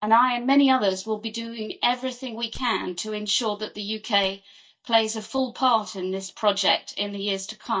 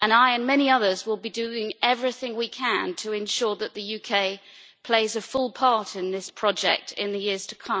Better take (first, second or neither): second